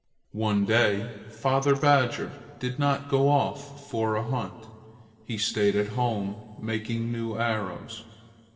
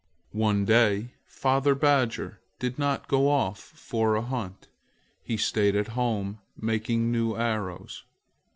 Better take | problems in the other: second | noise reduction (neural separator model SepFormer DNS4)

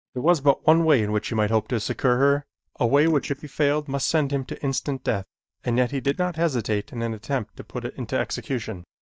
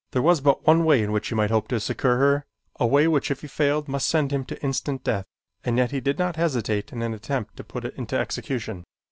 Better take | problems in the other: second | noise reduction (neural mask model DeepFilterNet 3)

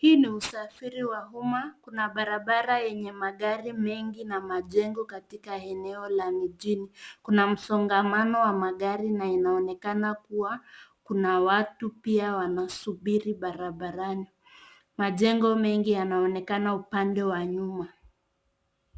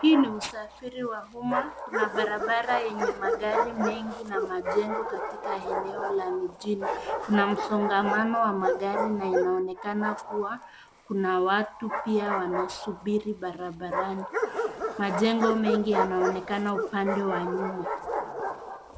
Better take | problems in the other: first | background sound (Bark); 4 dB below the speech

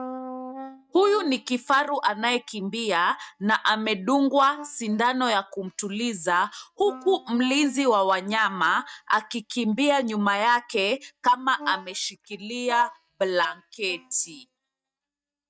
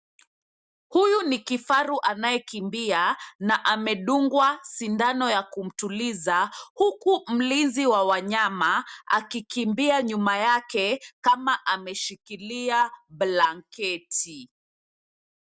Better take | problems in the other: second | noise reduction (neural mask model DeepFilterNet 3)

